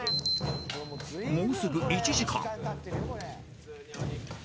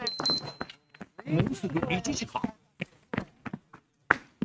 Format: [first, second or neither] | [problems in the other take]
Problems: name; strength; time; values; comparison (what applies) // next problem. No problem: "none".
first | noise reduction (neural mask model RNNoise)